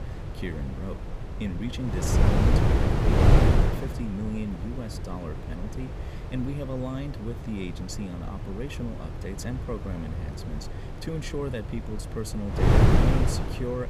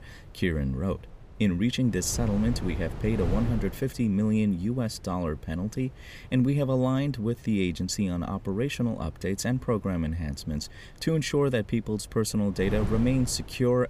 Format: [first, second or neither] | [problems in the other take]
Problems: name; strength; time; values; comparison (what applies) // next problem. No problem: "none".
second | wind noise on the microphone; heavy; 5 dB above the speech; occasional gusts in the second